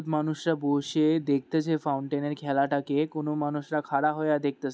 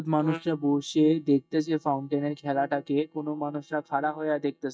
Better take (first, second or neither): first